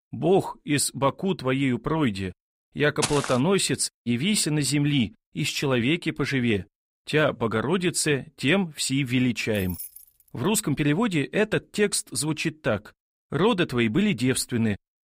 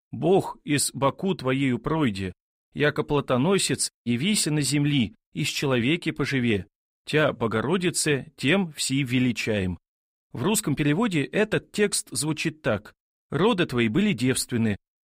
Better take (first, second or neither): second